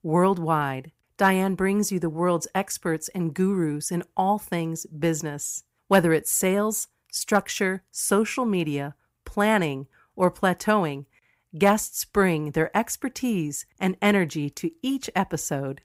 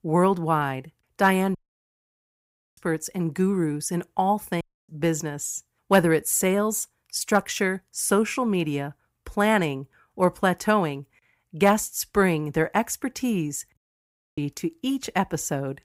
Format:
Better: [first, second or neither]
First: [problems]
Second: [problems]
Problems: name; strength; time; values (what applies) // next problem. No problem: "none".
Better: first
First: none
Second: audio cutting out; at 1.5 s for 1 s, at 4.5 s and at 14 s for 0.5 s